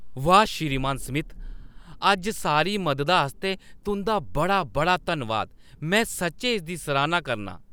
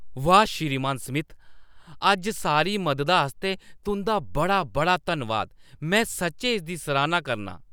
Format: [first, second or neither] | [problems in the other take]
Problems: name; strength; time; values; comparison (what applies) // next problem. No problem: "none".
second | background sound (Thunder); 19 dB below the speech